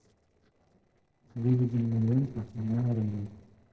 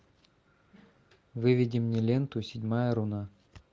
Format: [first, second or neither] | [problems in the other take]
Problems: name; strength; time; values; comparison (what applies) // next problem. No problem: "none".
second | noise reduction (neural separator model SepFormer DNS4)